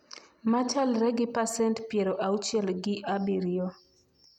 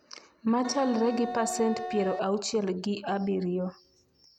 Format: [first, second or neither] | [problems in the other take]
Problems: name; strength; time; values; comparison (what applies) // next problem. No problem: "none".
first | background sound (Wind instrument, woodwind instrument); 8 dB below the speech